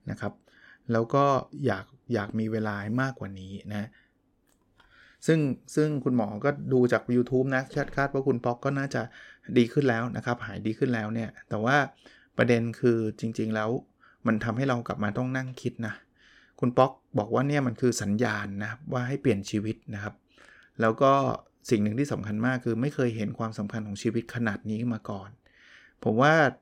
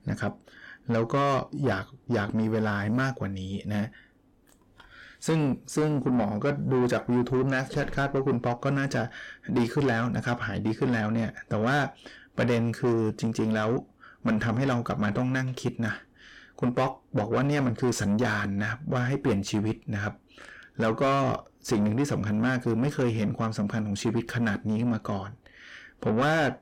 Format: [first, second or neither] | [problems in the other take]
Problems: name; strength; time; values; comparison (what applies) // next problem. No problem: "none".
first | distortion; heavy; 7 dB below the speech